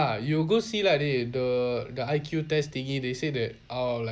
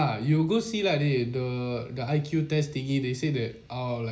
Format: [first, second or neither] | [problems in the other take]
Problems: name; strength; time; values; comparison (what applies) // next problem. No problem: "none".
first | room echo; dies away in 0.4 s